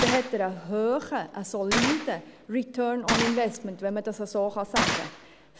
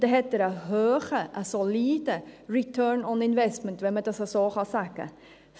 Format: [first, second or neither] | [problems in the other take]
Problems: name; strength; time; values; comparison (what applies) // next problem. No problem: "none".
second | background sound (Gunshot, gunfire); 3 dB below the speech